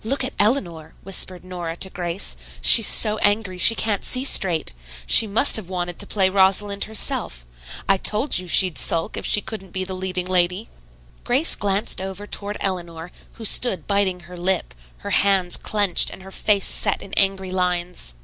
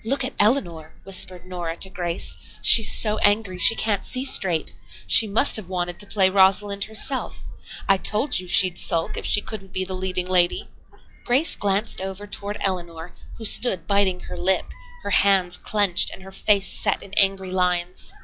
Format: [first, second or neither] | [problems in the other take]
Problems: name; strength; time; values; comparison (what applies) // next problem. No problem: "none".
first | noise reduction (classical method log-MMSE)